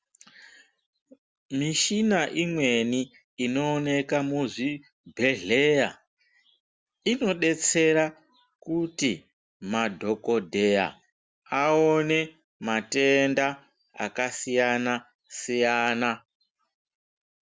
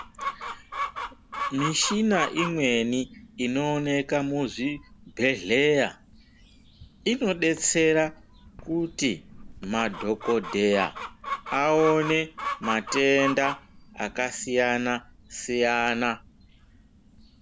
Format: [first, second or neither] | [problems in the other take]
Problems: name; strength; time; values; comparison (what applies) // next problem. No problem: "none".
first | background sound (Chicken, rooster); 11 dB below the speech